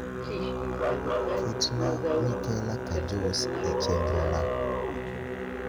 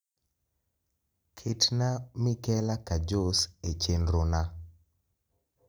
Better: second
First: background sound (Subway, metro, underground + Musical instrument); 4 dB above the speech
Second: none

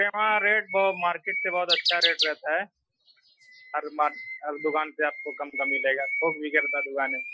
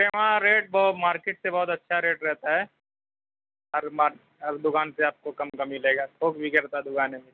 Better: second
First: noise reduction (classical method Wiener filter)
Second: none

